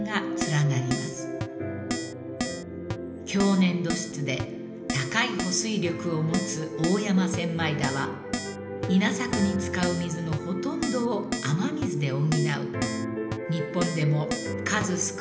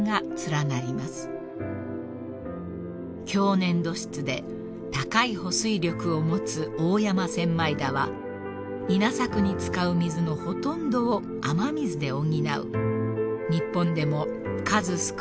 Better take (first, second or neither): second